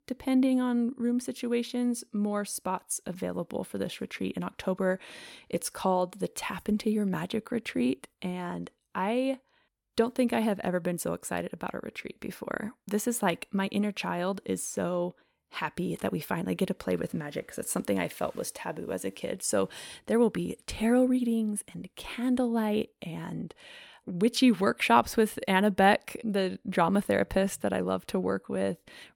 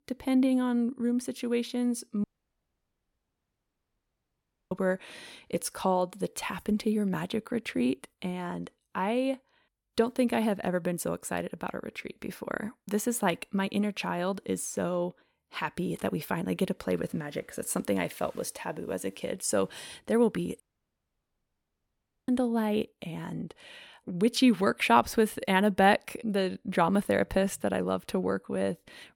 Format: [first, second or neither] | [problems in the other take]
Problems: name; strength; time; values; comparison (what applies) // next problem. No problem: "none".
first | audio cutting out; at 2 s for 2.5 s and at 21 s for 1.5 s